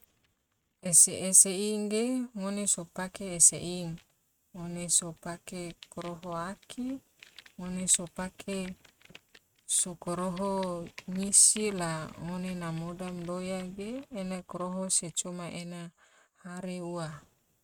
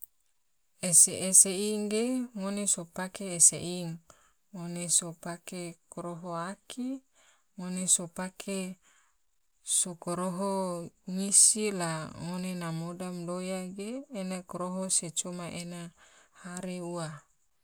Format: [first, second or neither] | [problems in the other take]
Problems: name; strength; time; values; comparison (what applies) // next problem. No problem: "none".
second | noise reduction (neural mask model RNNoise)